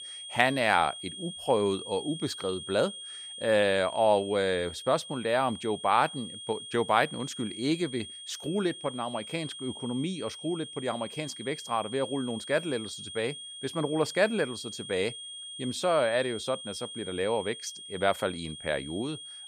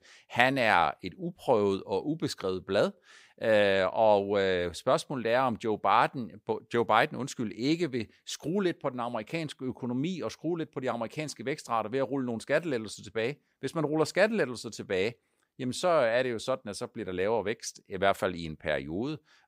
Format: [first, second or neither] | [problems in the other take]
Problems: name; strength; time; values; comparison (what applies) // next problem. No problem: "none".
second | high-pitched whine; noticeable; throughout; 3.5 kHz, 10 dB below the speech